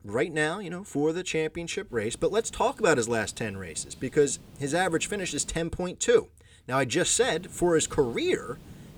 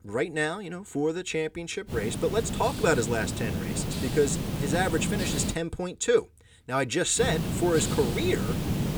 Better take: first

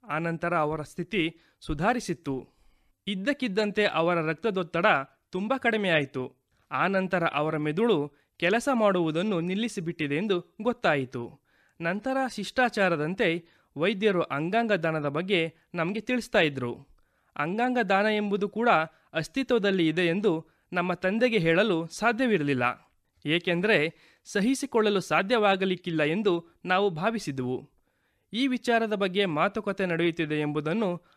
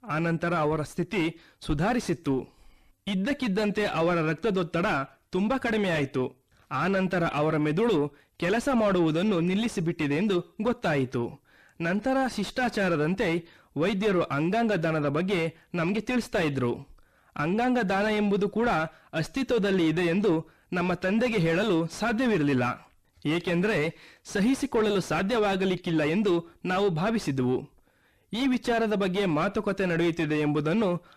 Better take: first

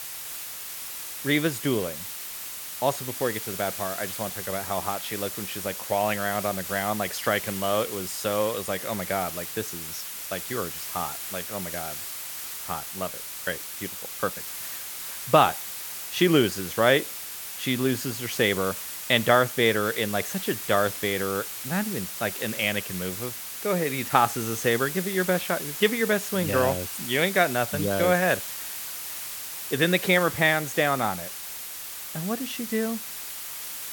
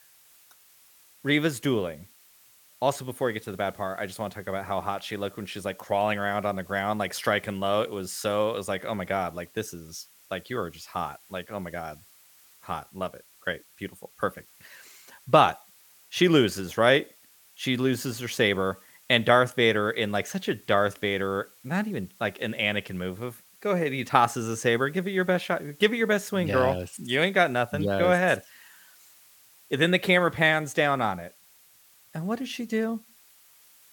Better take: second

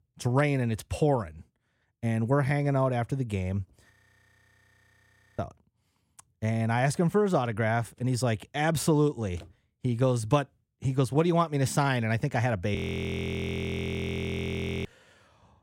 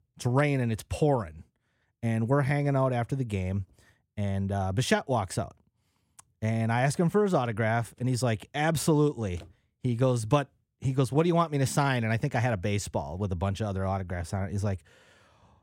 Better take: second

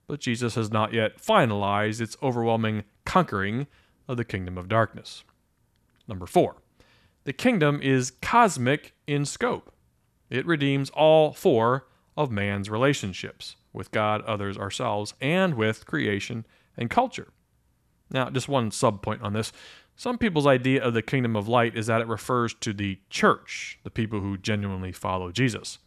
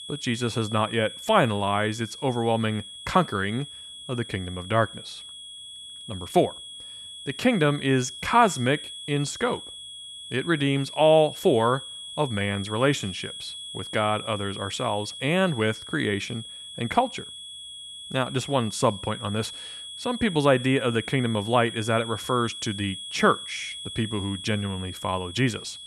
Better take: first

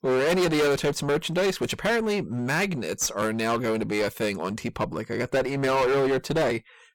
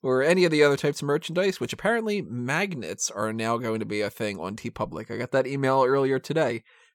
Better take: second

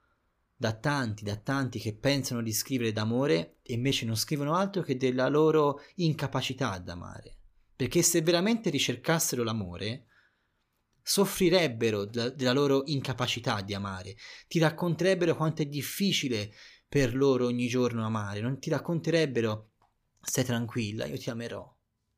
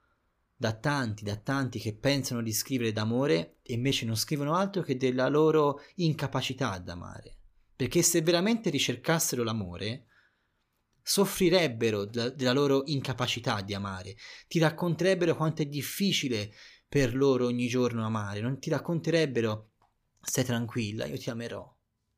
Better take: neither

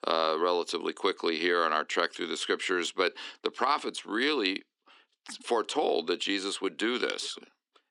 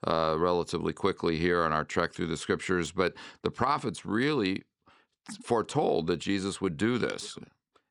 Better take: second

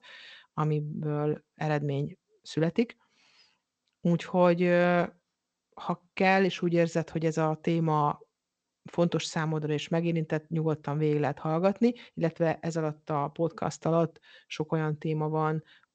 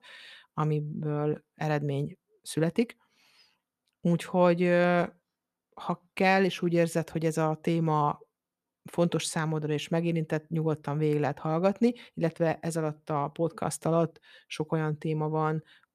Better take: second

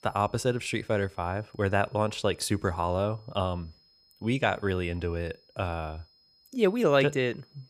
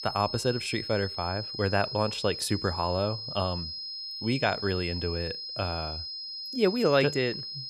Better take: first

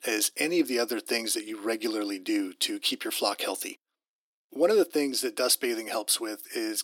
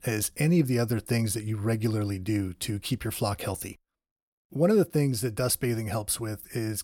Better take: second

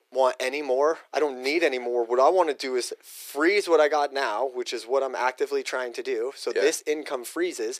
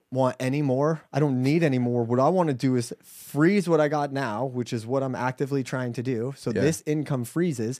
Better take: second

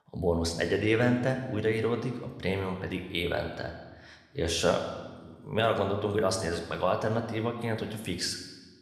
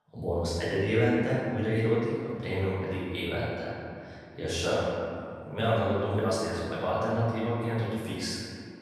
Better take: first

